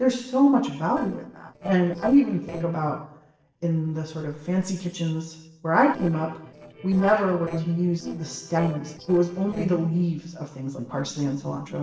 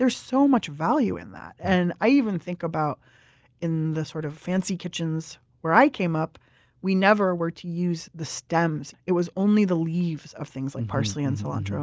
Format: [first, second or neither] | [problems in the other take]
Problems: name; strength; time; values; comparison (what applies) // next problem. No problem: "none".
second | noise reduction (neural separator model SepFormer DNS4)